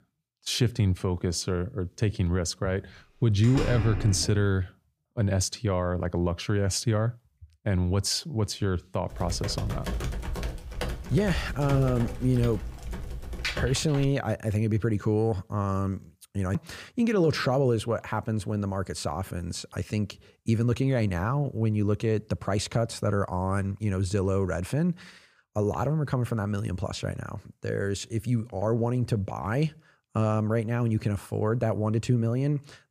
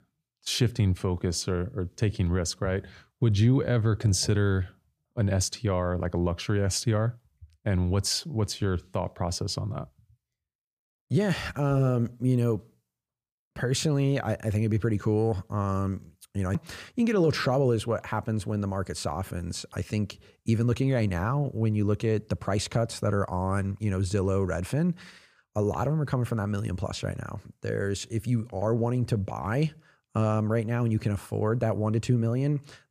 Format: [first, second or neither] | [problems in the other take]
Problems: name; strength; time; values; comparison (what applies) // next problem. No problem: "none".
second | door banging; noticeable; from 3.5 to 4.5 s; peak 4 dB below the speech // keyboard typing; noticeable; from 9 to 14 s; peak 3 dB below the speech